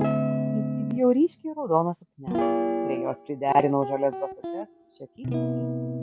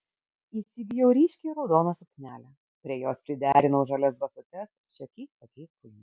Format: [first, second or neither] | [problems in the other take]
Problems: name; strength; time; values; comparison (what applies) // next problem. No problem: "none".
second | background sound (Guitar); 2 dB below the speech